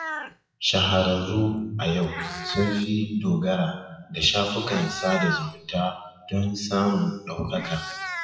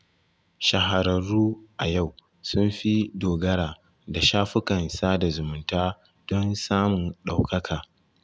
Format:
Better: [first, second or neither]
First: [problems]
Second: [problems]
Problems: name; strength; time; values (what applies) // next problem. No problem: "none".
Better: second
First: noise reduction (classical method WPE with log-MMSE)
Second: none